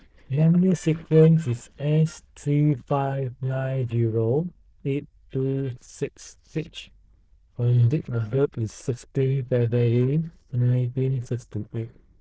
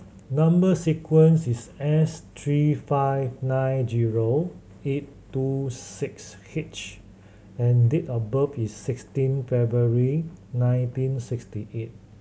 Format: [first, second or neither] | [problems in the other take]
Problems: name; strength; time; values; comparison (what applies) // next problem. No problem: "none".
second | noise reduction (neural diffusion model UNIVERSE++)